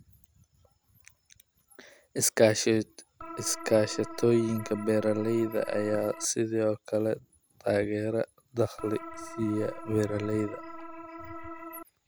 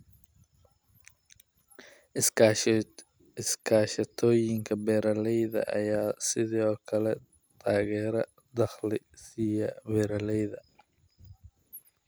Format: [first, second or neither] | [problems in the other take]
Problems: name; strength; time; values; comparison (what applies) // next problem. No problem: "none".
second | background sound (Organ); 12 dB below the speech